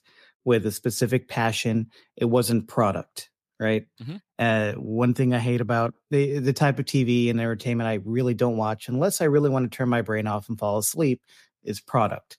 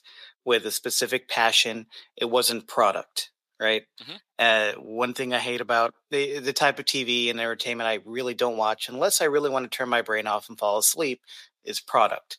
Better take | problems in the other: first | thin; very; fading below 600 Hz

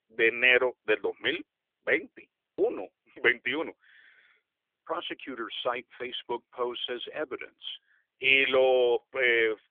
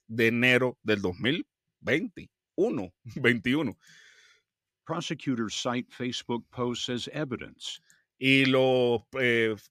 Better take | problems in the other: second | phone-call audio; nothing above 3.5 kHz

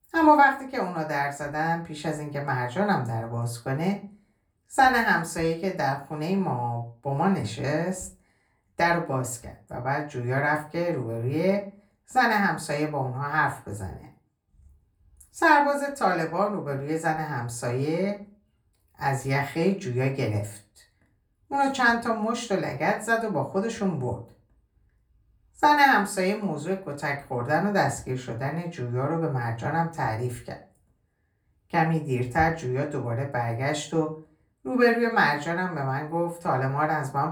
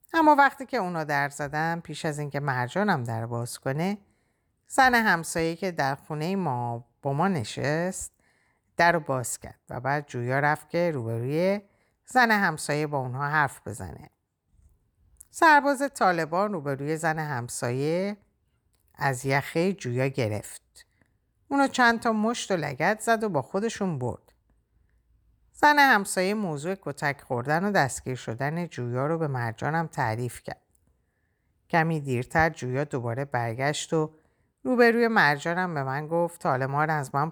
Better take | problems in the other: second | off-mic speech; far // room echo; very slight; dies away in 0.3 s

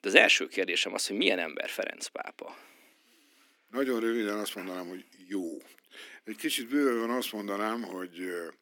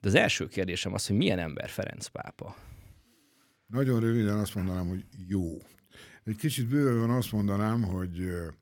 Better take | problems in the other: second | thin; somewhat; fading below 250 Hz

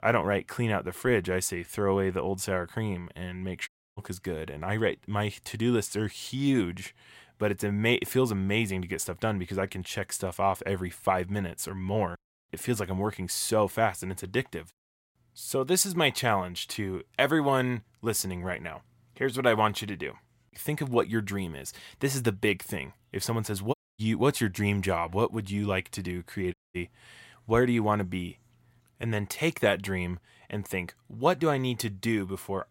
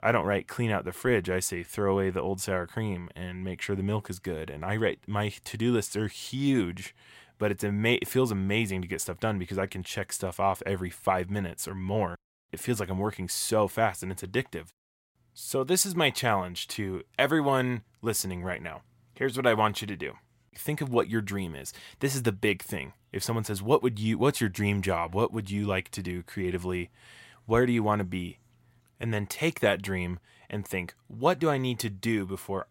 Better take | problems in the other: second | audio cutting out; at 3.5 s, at 24 s and at 27 s

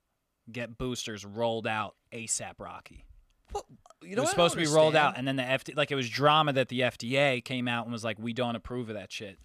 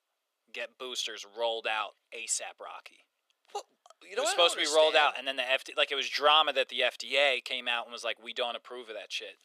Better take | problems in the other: first | thin; very; fading below 400 Hz

